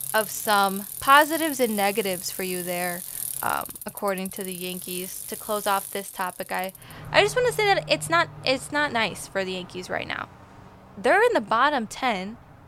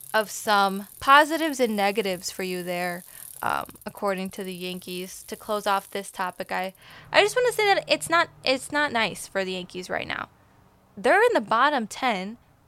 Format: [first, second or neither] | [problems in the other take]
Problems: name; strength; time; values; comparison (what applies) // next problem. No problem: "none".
second | traffic noise; loud; throughout; 10 dB below the speech; faint in the second